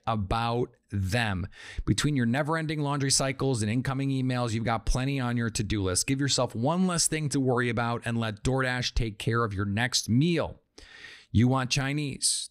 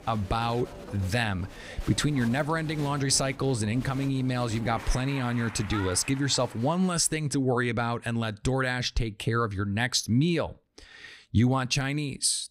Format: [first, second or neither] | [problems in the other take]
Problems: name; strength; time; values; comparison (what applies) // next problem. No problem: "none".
first | crowd noise; noticeable; until 6.5 s; 15 dB below the speech